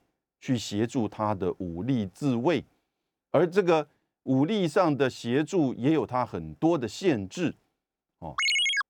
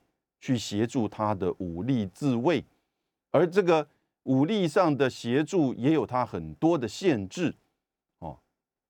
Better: second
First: phone ringing; loud; at 8.5 s; peak 5 dB above the speech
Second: none

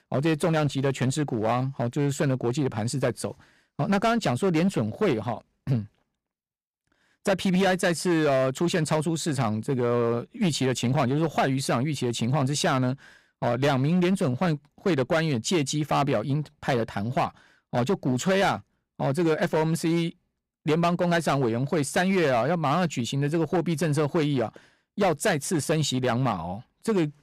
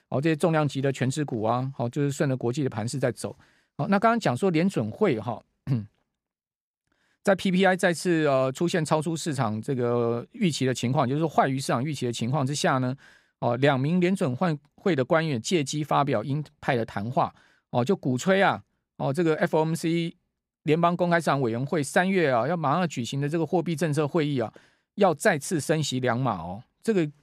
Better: second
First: distortion; slight; 9% of the sound clipped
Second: none

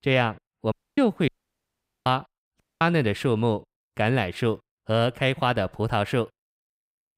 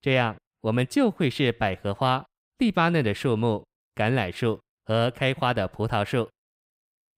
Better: second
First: audio cutting out; at 0.5 s, at 1.5 s for 1 s and at 2.5 s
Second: none

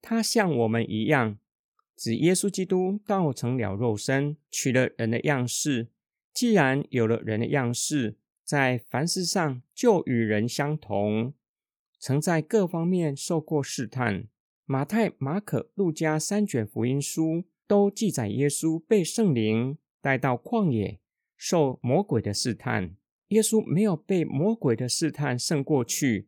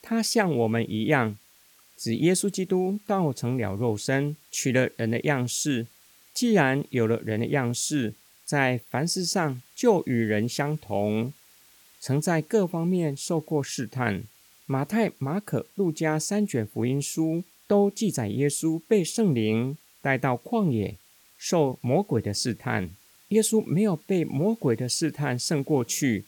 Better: first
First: none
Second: hiss; faint; throughout; 30 dB below the speech

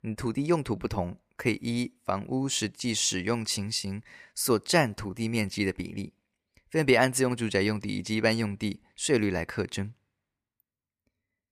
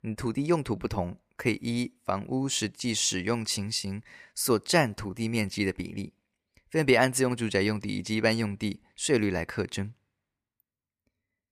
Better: neither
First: none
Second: none

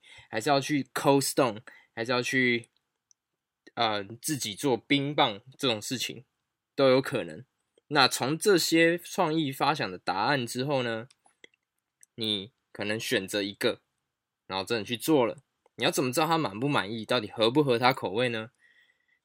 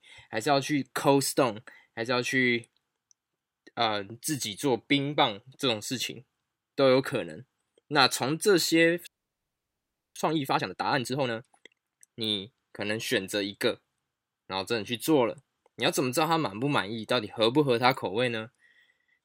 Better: first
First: none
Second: audio freezing; at 9 s for 1 s

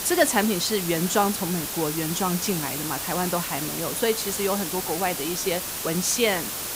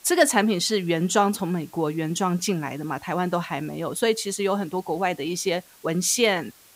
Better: second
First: hiss; loud; throughout; 3 dB below the speech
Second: hiss; faint; throughout; 25 dB below the speech

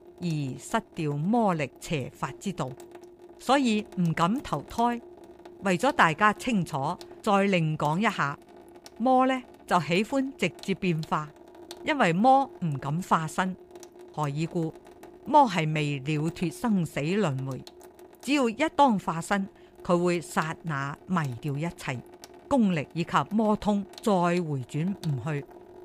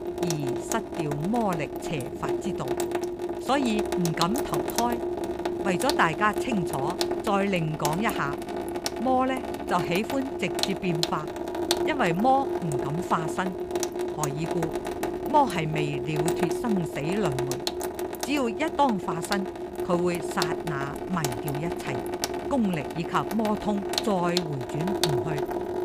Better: first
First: household noises; faint; throughout; 20 dB below the speech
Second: household noises; loud; throughout; 2 dB below the speech

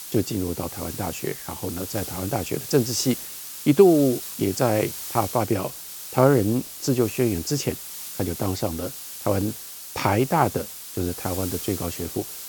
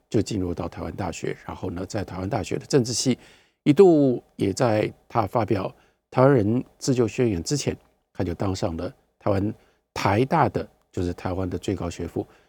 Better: second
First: hiss; loud; throughout; 9 dB below the speech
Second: none

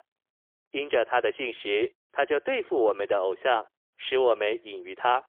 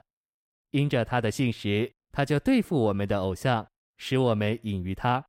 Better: second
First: phone-call audio; poor line; nothing above 3.5 kHz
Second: none

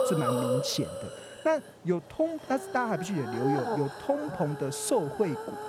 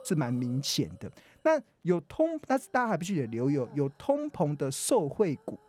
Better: second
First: hiss; loud; throughout; 5 dB below the speech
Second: hiss; faint; throughout; 30 dB below the speech

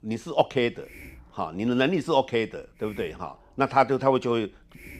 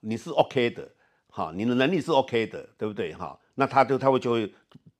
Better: second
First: hiss; faint; throughout; 25 dB below the speech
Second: none

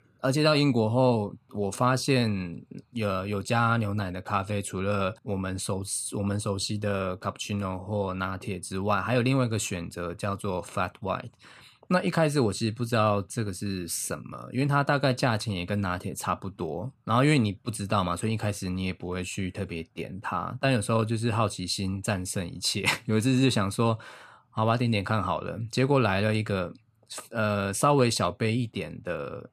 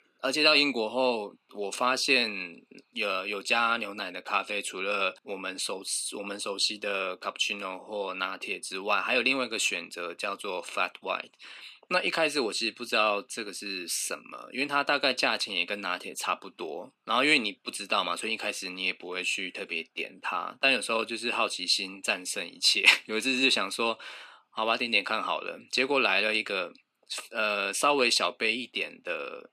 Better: first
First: none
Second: thin; somewhat; fading below 300 Hz

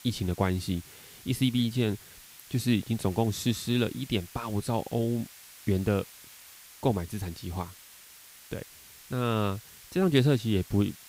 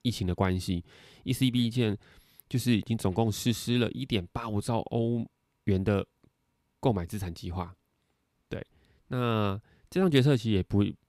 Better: second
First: hiss; noticeable; throughout; 20 dB below the speech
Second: none

